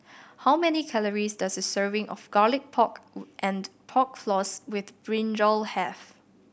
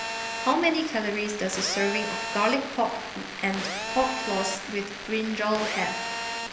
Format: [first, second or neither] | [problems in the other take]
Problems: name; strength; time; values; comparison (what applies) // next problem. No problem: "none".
first | background sound (Telephone); 5 dB below the speech // room echo; dies away in 1.4 s